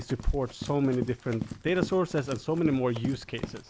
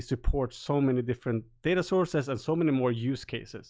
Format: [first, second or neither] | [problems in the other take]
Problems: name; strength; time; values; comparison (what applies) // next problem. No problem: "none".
second | background sound (Run); 9 dB below the speech